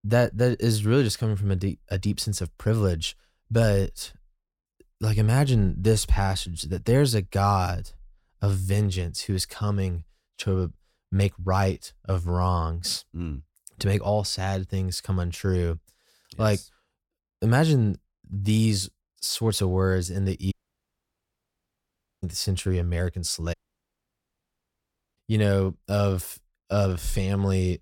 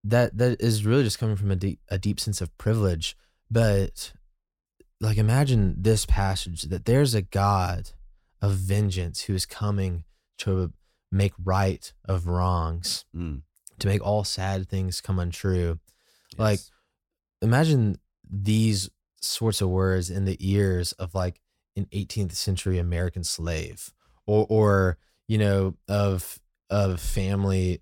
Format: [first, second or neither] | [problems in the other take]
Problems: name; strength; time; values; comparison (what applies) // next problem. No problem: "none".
second | audio cutting out; at 21 s for 1.5 s and at 24 s for 1.5 s